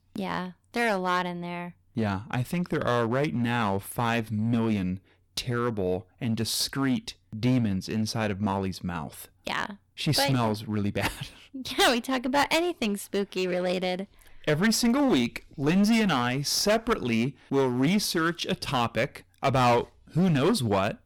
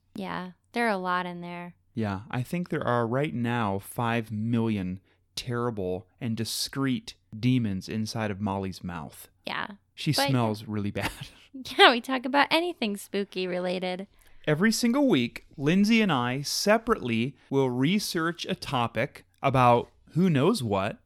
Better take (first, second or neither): second